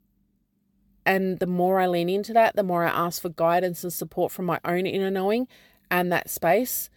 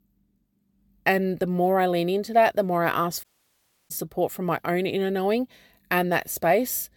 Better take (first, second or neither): first